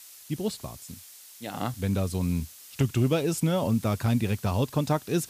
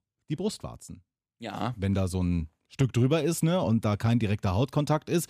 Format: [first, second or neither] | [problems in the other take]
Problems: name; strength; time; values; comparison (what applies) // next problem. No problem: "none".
second | hiss; noticeable; throughout; 20 dB below the speech